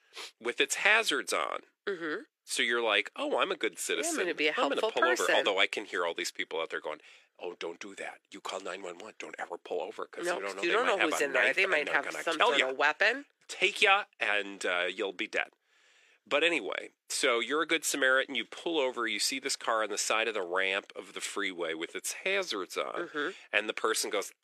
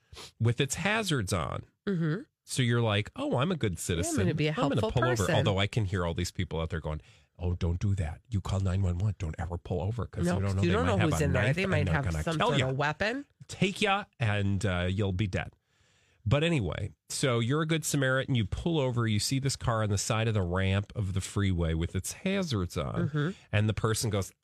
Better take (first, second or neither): second